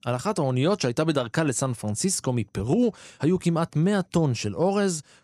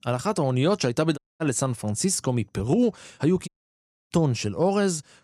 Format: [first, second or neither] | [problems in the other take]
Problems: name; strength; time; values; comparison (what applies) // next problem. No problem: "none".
first | audio cutting out; at 1 s and at 3.5 s for 0.5 s